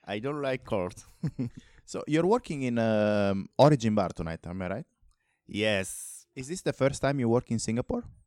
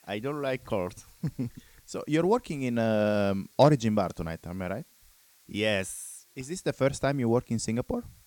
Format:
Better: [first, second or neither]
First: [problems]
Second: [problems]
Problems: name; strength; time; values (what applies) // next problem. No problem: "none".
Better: first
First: none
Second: hiss; faint; throughout; 30 dB below the speech